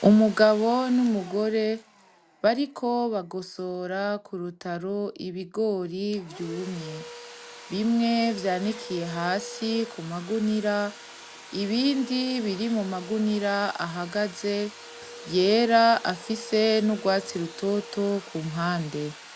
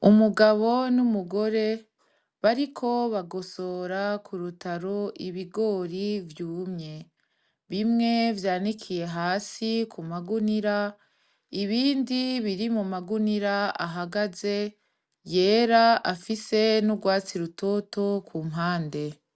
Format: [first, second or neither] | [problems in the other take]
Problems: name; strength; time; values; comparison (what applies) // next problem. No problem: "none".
second | background sound (Domestic sounds, home sounds); 18 dB below the speech